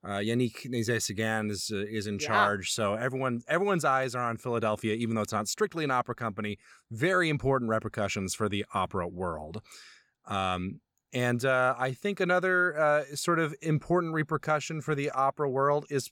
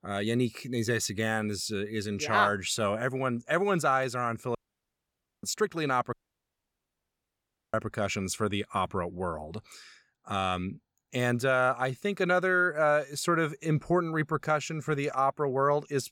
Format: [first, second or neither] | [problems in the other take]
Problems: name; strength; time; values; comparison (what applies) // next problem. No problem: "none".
first | audio cutting out; at 4.5 s for 1 s and at 6 s for 1.5 s